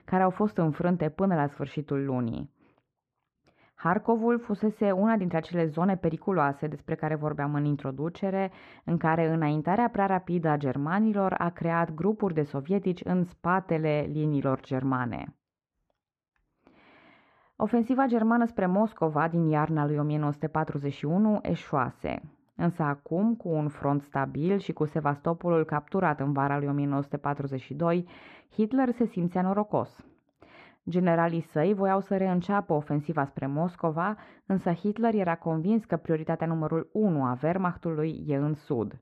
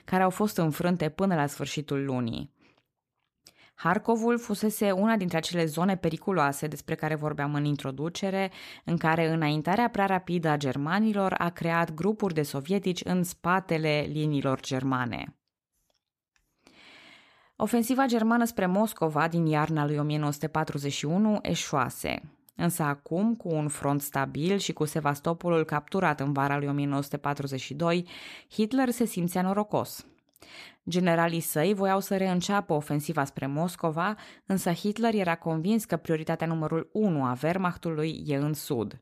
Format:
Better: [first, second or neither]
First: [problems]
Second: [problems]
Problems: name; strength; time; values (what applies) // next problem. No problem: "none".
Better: second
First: muffled; very; fading above 4 kHz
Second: none